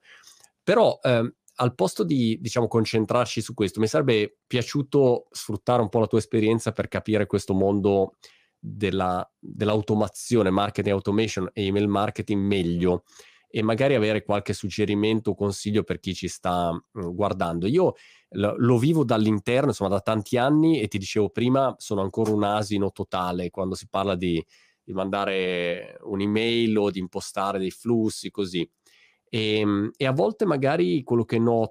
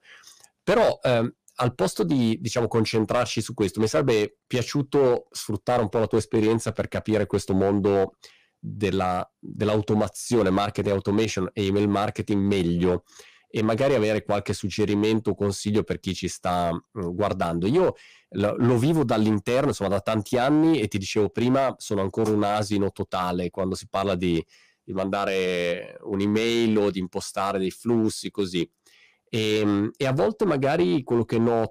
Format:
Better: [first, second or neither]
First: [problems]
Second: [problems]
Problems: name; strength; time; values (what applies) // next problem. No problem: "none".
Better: first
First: none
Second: distortion; slight; 5% of the sound clipped